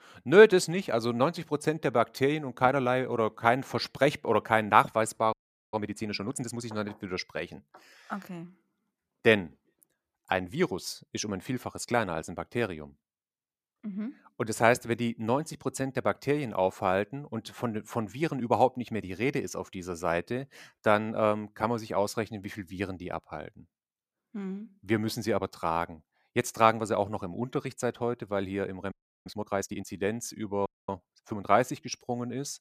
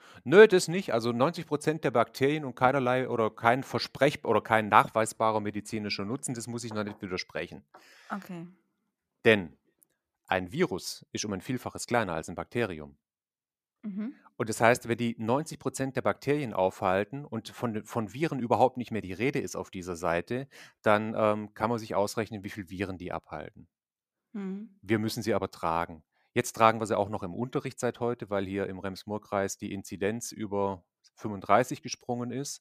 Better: second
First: audio freezing; at 5.5 s, at 29 s and at 31 s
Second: none

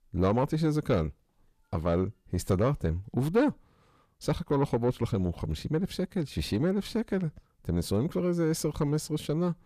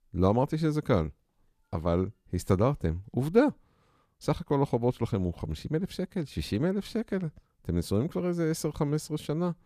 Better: second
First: distortion; slight; 10 dB below the speech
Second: none

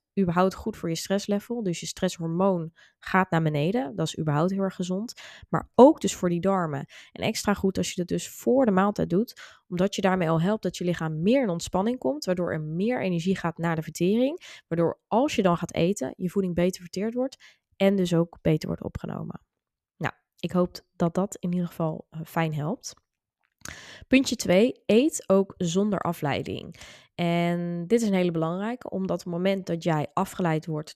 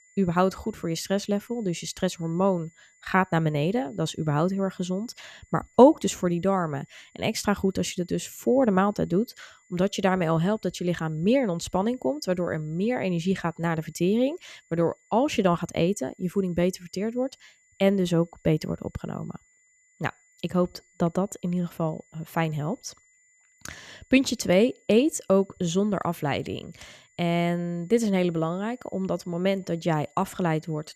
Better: first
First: none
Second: high-pitched whine; faint; throughout; 2 kHz, 35 dB below the speech

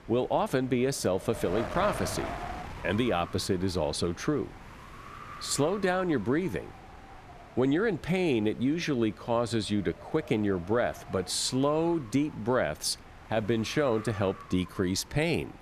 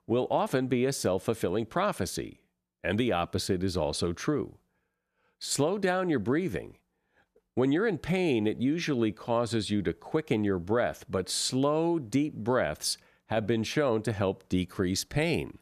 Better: second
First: wind noise on the microphone; occasional gusts; 15 dB below the speech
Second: none

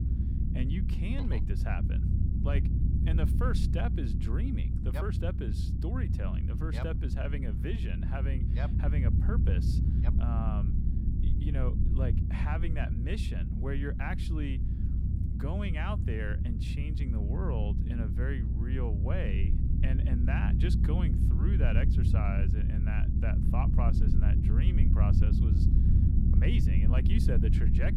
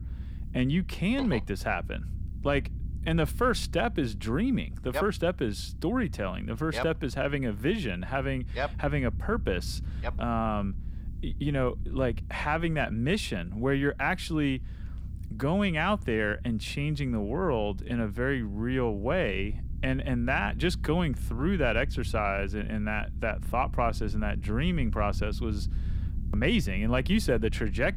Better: second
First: low rumble; loud; throughout; 2 dB below the speech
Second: low rumble; faint; throughout; 20 dB below the speech

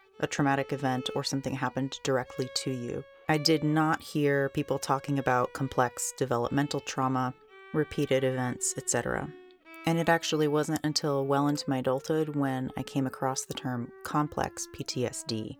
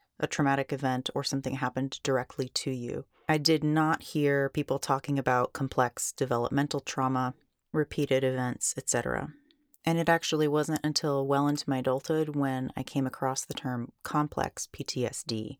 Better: second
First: background music; faint; throughout; 20 dB below the speech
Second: none

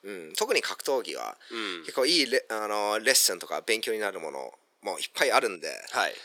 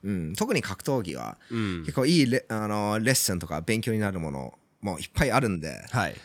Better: second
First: thin; very; fading below 400 Hz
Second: none

